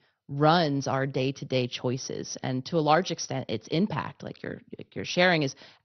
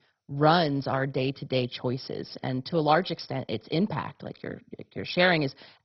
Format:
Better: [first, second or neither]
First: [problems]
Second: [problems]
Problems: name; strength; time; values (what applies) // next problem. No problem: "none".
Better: first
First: garbled, watery; slightly; nothing above 6 kHz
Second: garbled, watery; badly; nothing above 5.5 kHz